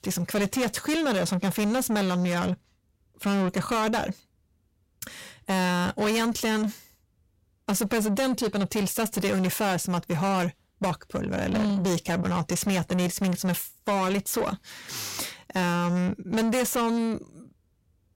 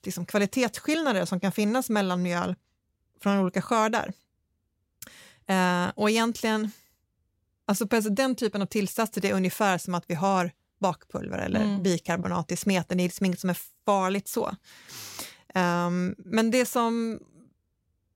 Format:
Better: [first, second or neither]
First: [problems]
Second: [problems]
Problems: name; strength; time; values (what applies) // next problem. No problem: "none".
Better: second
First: distortion; heavy; 7 dB below the speech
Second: none